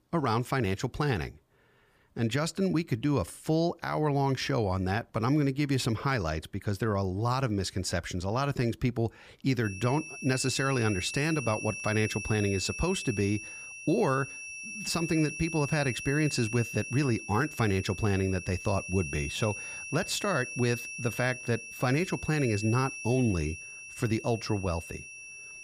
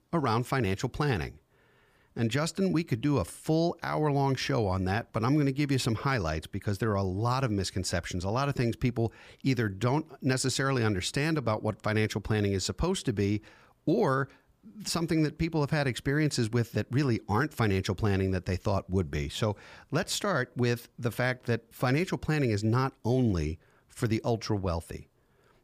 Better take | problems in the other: second | high-pitched whine; loud; from 9.5 s on; 2.5 kHz, 8 dB below the speech

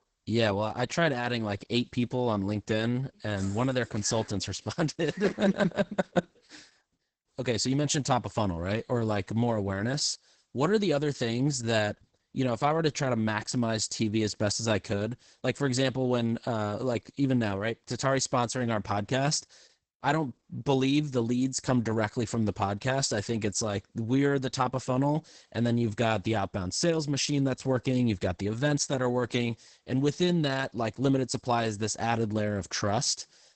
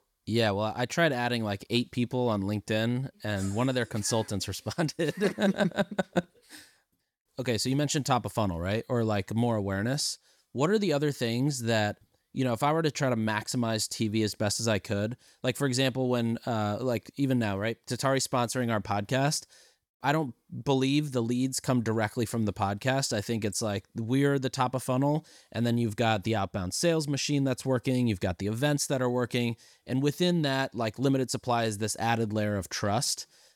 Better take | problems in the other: second | garbled, watery; badly; nothing above 8 kHz

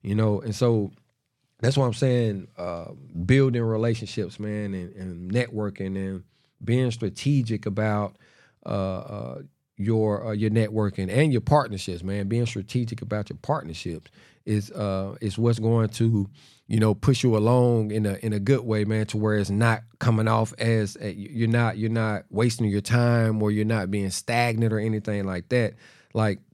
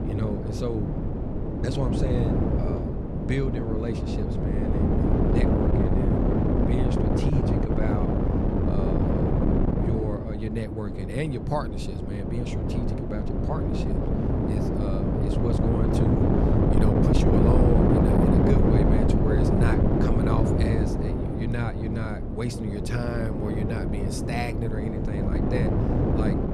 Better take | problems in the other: first | wind noise on the microphone; heavy; 5 dB above the speech

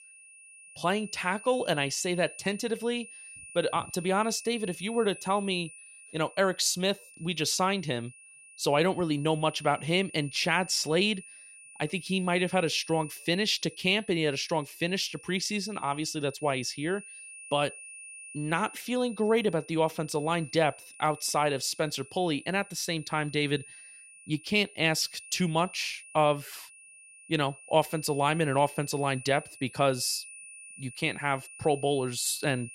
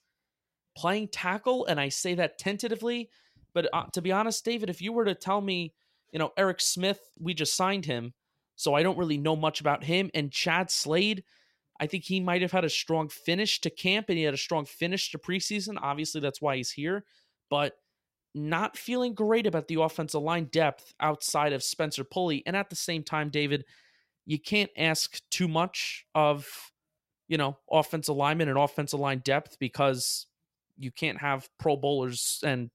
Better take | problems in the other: second | high-pitched whine; noticeable; throughout; 2.5 kHz, 15 dB below the speech

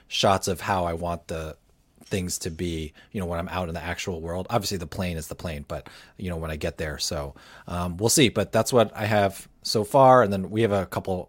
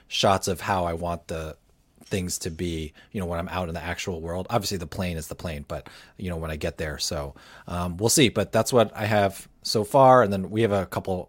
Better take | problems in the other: neither | none

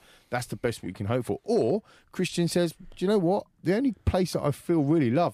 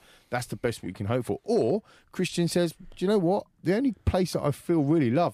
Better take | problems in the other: neither | none

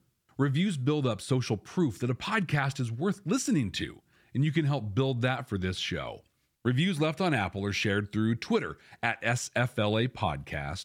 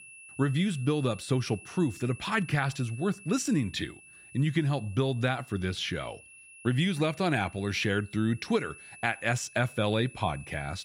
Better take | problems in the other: first | high-pitched whine; noticeable; throughout; 2.5 kHz, 20 dB below the speech

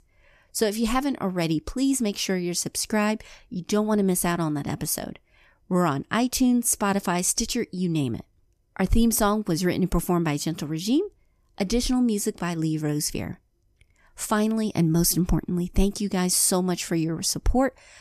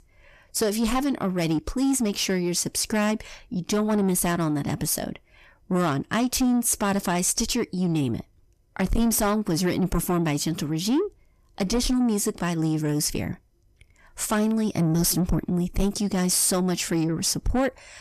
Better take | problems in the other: first | distortion; slight; 10 dB below the speech

